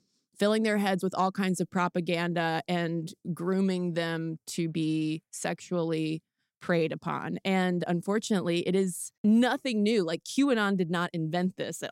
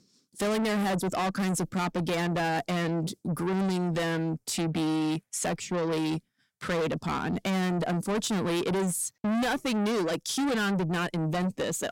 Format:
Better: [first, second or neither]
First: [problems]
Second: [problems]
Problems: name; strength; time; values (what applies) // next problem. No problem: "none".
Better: first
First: none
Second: distortion; heavy; 5 dB below the speech